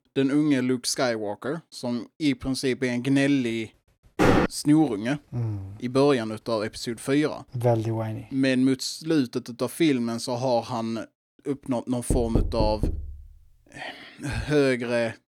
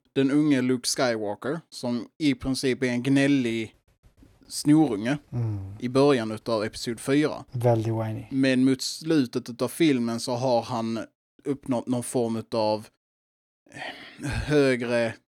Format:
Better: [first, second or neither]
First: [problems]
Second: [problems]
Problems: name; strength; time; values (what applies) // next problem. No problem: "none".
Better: second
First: door banging; loud; at 4 s; peak 5 dB above the speech // door banging; noticeable; from 12 to 13 s; peak 1 dB below the speech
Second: none